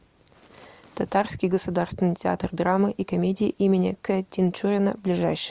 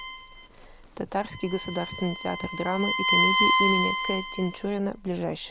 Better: first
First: none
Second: background sound (Bowed string instrument); 2 dB above the speech

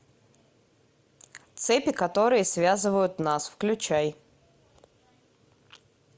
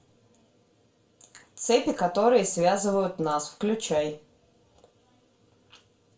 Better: first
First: none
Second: room echo; dies away in 0.3 s

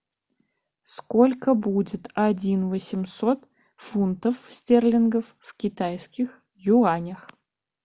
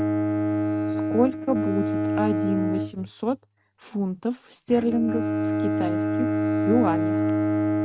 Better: first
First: none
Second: noise reduction (neural mask model RNNoise)

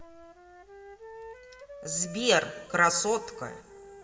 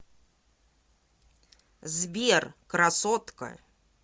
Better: second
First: background sound (Wind instrument, woodwind instrument); 15 dB below the speech // room echo; dies away in 1.2 s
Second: none

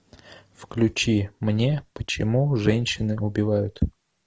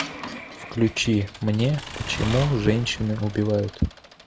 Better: first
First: none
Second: background sound (Accelerating, revving, vroom / Mechanisms); 12 dB below the speech

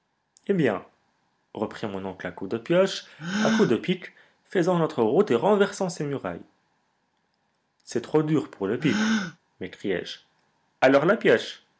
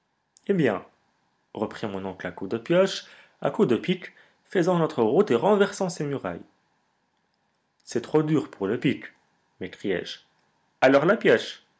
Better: second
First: background sound (Gasp); 10 dB below the speech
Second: none

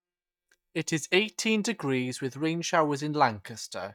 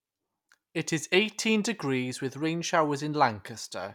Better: second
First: noise reduction (neural mask model DeepFilterNet 3)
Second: none

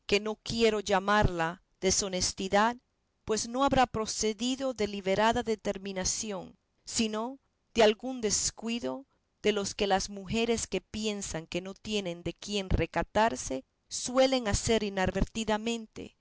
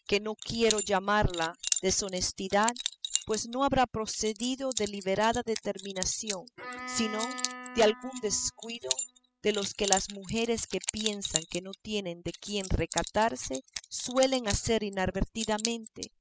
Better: first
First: none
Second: noise reduction (classical method spectral subtraction)

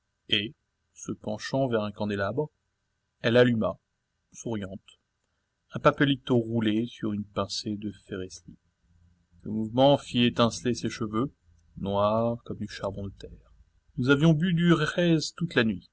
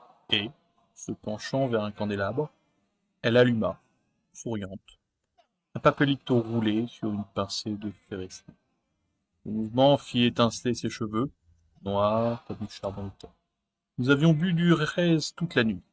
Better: first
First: none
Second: noise reduction (neural mask model RNNoise)

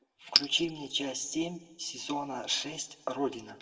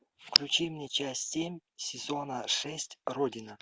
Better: second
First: room echo; dies away in 0.9 s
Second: none

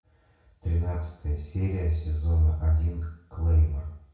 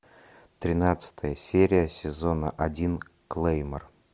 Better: second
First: room echo; dies away in 0.6 s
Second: none

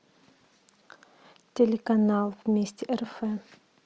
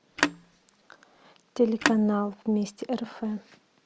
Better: first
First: none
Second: background sound (Telephone); 4 dB below the speech

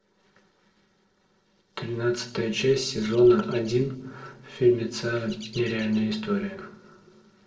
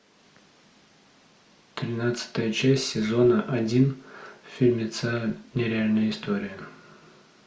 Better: second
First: noise reduction (neural separator model SepFormer DNS4)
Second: none

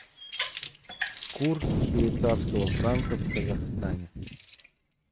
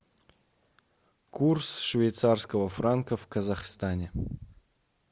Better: second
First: noise reduction (neural mask model RNNoise)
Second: none

